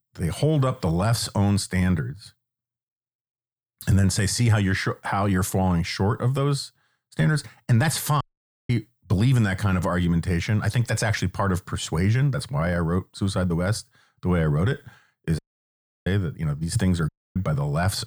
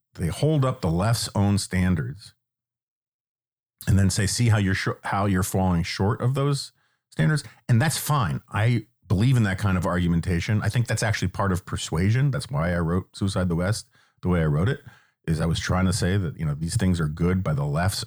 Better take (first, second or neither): second